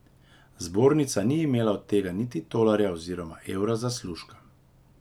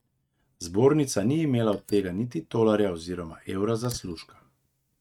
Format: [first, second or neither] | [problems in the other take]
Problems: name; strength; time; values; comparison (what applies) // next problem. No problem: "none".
first | noise reduction (neural mask model RNNoise)